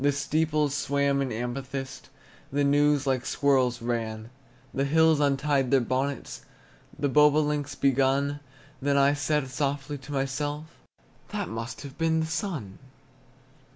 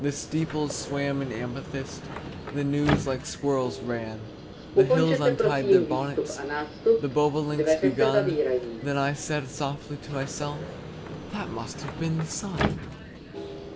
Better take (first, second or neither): first